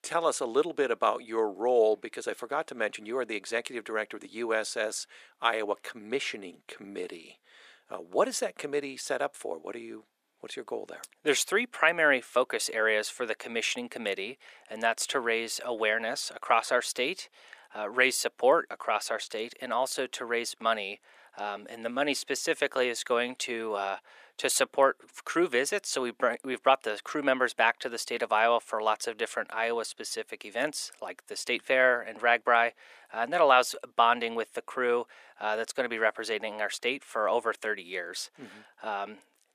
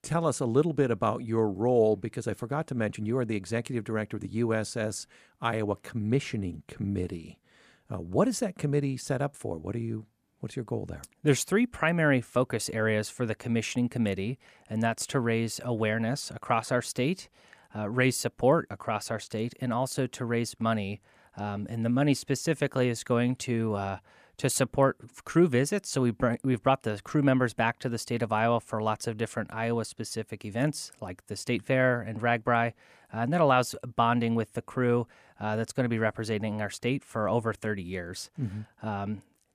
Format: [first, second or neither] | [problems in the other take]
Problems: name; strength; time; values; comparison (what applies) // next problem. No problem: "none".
second | thin; very; fading below 400 Hz